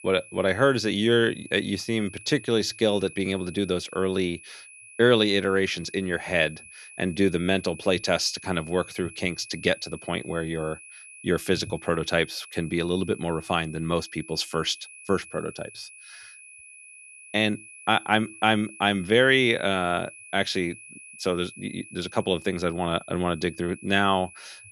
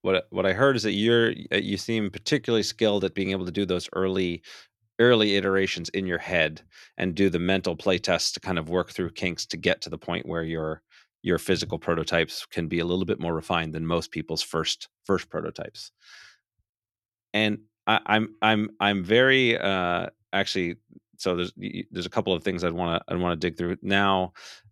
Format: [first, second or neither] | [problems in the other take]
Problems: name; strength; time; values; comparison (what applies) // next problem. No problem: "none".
second | high-pitched whine; noticeable; throughout; 2.5 kHz, 20 dB below the speech